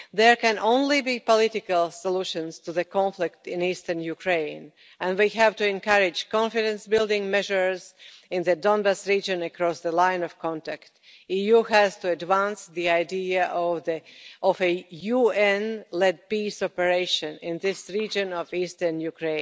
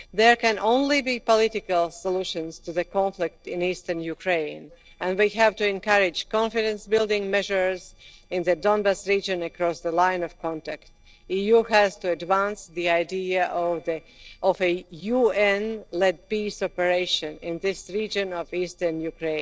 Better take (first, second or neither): first